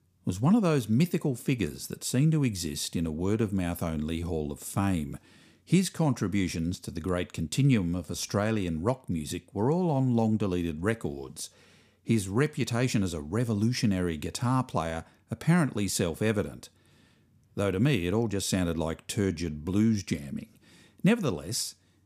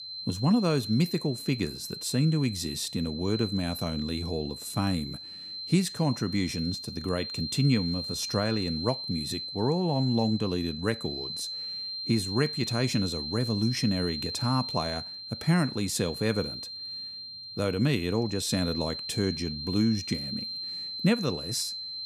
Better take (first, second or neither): first